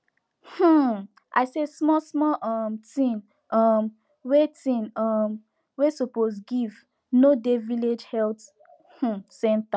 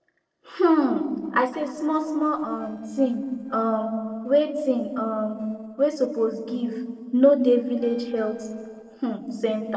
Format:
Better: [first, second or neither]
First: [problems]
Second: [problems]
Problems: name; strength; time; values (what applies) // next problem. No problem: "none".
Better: first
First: none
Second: noise reduction (neural separator model SepFormer DNS4)